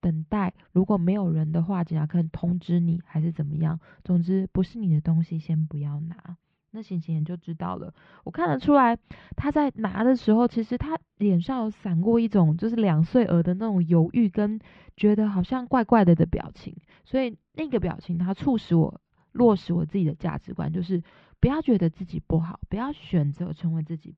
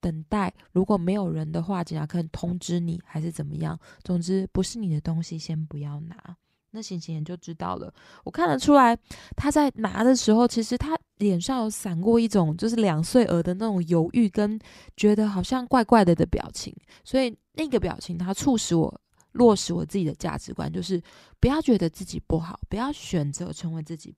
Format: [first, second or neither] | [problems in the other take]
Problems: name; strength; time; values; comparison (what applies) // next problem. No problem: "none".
second | muffled; very; fading above 3 kHz